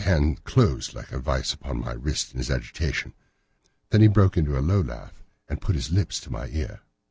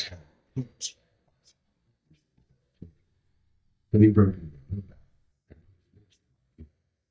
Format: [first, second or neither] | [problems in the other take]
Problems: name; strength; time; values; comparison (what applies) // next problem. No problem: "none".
first | noise reduction (neural mask model DeepFilterNet 3)